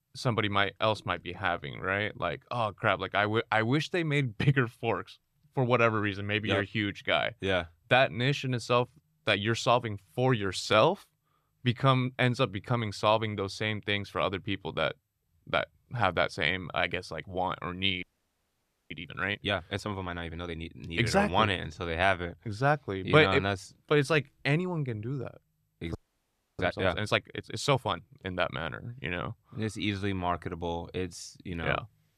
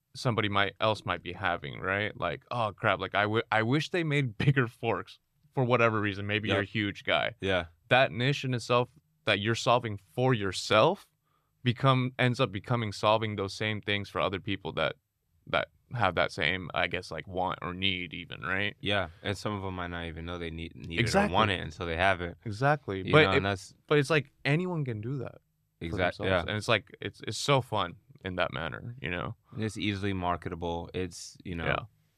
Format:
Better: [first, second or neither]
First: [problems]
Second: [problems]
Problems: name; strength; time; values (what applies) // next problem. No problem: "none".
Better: second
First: audio freezing; at 18 s for 1 s and at 26 s for 0.5 s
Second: none